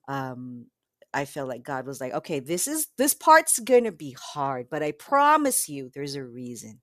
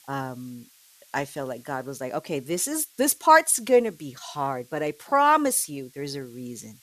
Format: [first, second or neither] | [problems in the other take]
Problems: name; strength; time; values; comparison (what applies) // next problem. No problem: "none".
first | hiss; faint; throughout; 30 dB below the speech